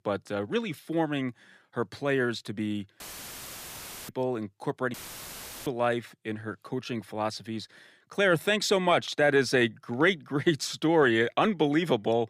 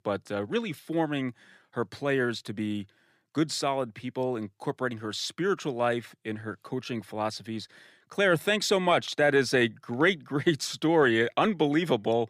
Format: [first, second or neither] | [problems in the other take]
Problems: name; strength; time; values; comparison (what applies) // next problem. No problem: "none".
second | audio cutting out; filled with static; at 3 s for 1 s and at 5 s for 0.5 s